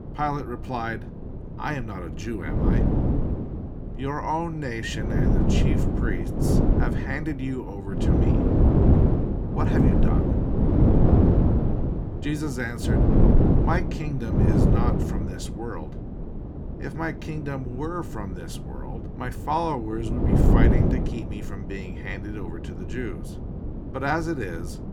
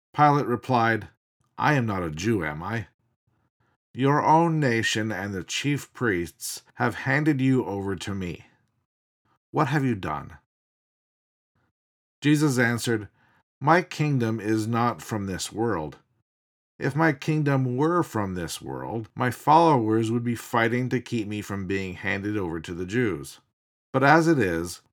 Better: second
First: wind noise on the microphone; heavy; 2 dB above the speech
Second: none

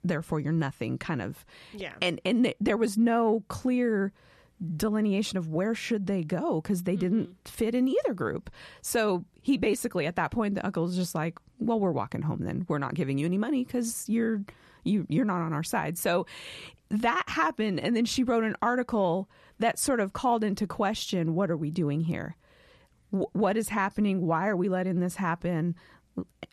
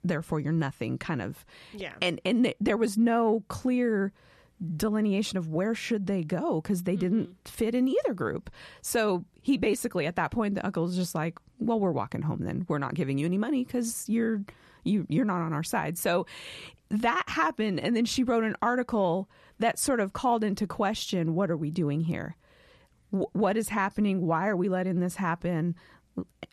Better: neither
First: none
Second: none

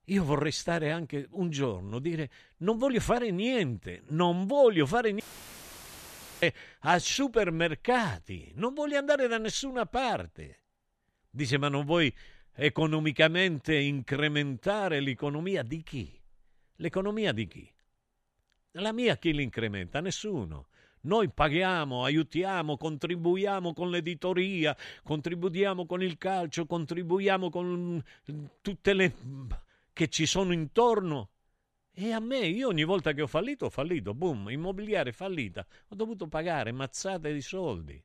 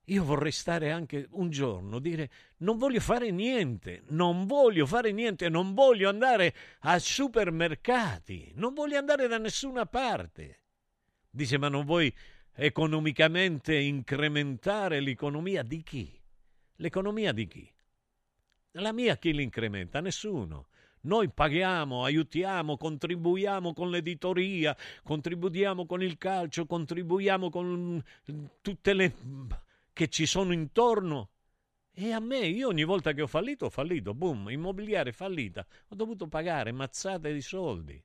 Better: second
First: audio cutting out; filled with static; at 5 s for 1 s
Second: none

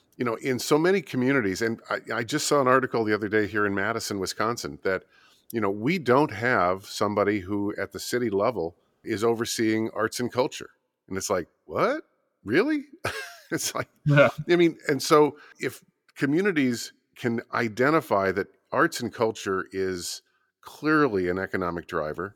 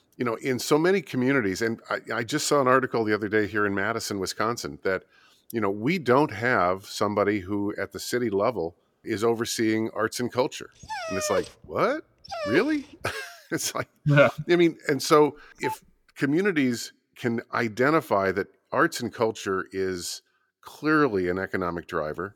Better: first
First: none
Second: dog barking; noticeable; from 11 to 13 s; peak 5 dB below the speech // phone ringing; faint; at 15 s; peak 10 dB below the speech

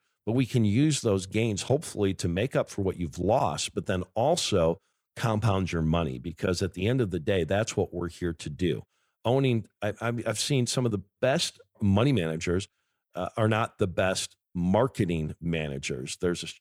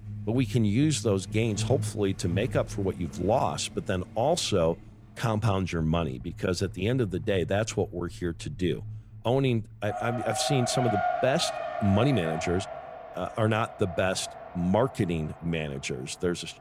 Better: first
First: none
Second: traffic noise; loud; throughout; 8 dB below the speech

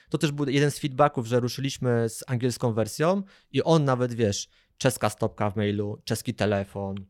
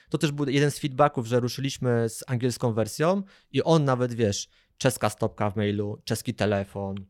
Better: neither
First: none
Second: none

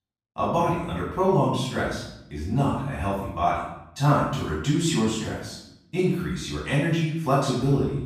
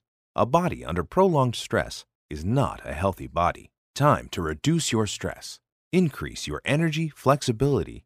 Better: second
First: off-mic speech; far // room echo; noticeable; dies away in 0.7 s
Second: none

